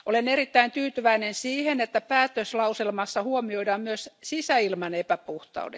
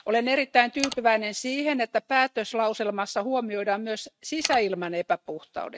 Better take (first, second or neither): first